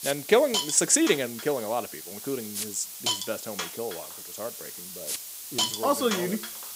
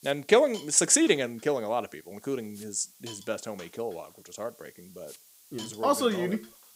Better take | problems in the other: second | hiss; loud; throughout; 6 dB below the speech; faint in the second

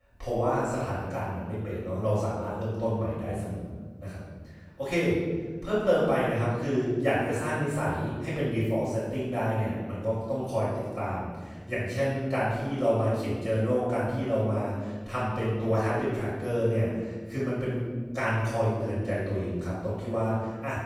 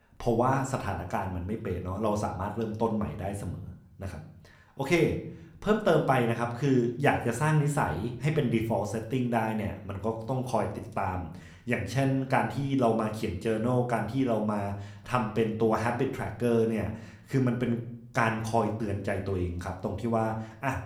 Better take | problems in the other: second | room echo; strong; dies away in 1.5 s; slight in the second // off-mic speech; far

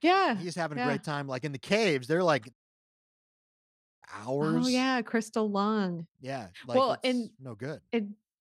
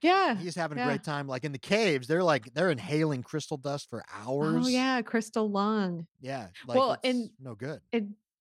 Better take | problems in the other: second | audio cutting out; at 2.5 s for 1.5 s

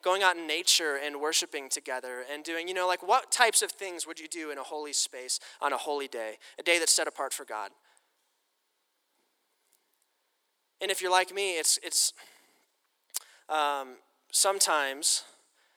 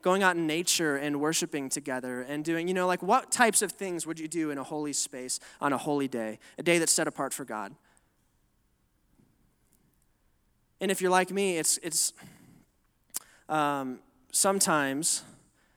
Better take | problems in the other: second | thin; very; fading below 450 Hz

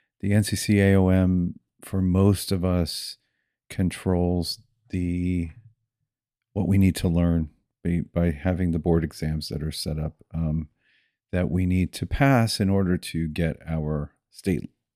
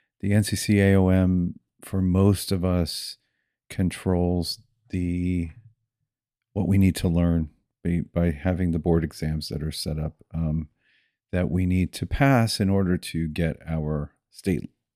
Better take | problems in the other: neither | none

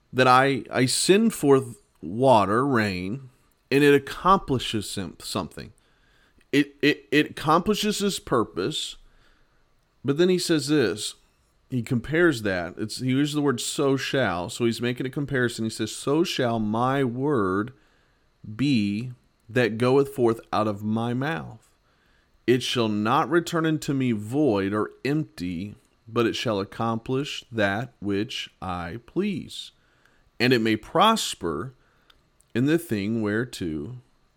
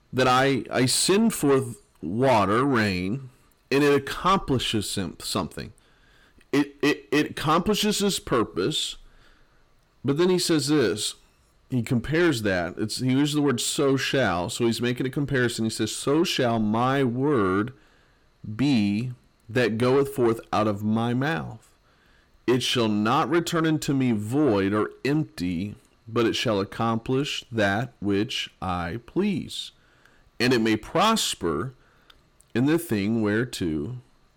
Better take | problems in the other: first | distortion; slight; 10 dB below the speech

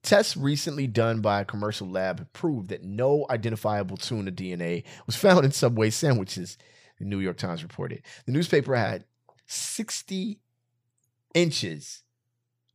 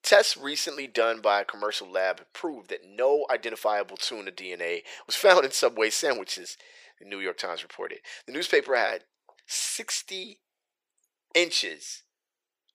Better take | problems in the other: first | thin; very; fading below 400 Hz

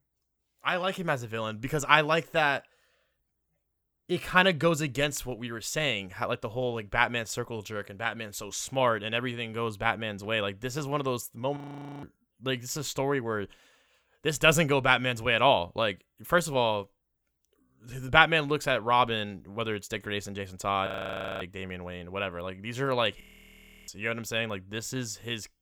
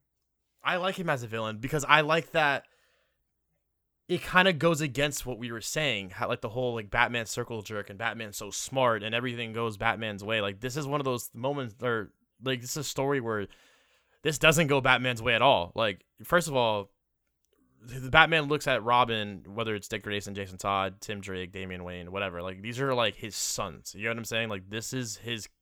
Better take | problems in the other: second | audio freezing; at 12 s, at 21 s for 0.5 s and at 23 s for 0.5 s

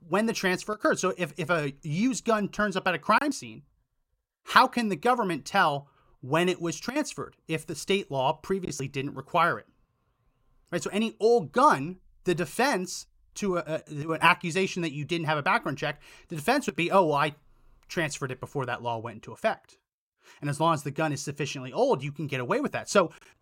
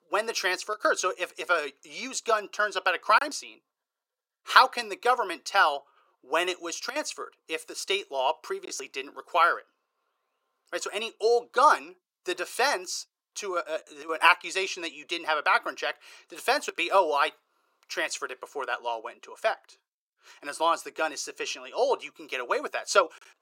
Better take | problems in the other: first | thin; very; fading below 400 Hz

